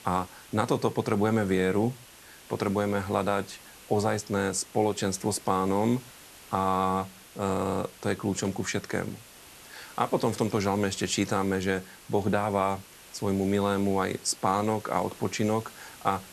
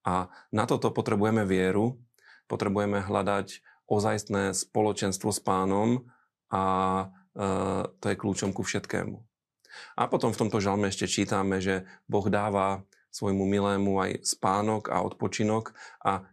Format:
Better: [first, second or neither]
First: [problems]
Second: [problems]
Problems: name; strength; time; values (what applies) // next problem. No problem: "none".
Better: second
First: hiss; noticeable; throughout; 20 dB below the speech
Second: none